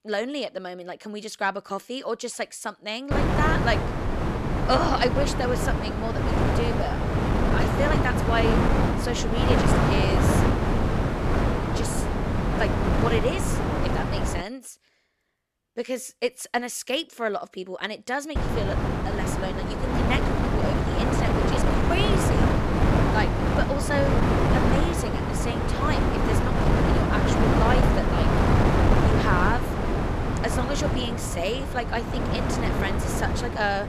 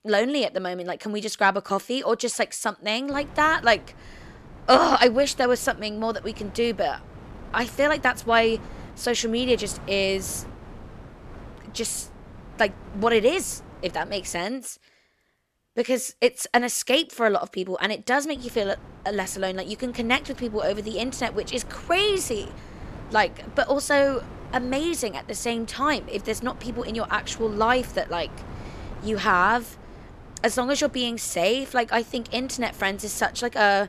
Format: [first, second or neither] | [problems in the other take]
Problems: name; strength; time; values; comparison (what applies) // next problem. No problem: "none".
second | wind noise on the microphone; heavy; from 3 to 14 s and from 18 s on; 2 dB above the speech; occasional gusts in the second